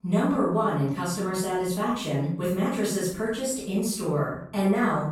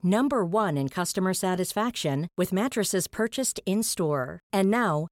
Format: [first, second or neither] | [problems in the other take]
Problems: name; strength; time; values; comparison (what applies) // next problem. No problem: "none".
second | off-mic speech; far // room echo; noticeable; dies away in 0.6 s